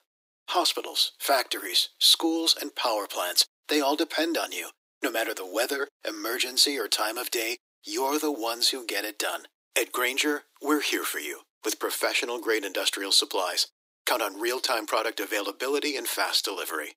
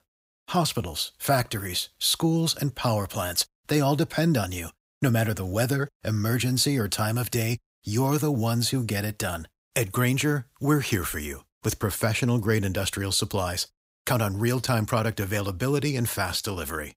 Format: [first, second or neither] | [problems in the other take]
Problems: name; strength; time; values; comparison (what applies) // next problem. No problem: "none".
second | thin; very; fading below 300 Hz